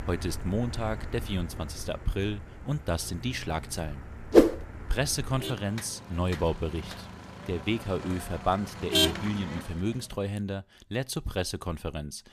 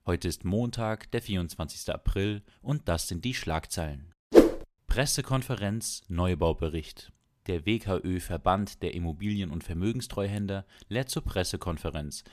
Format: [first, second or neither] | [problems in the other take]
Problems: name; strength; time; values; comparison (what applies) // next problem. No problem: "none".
second | traffic noise; loud; until 10 s; 5 dB below the speech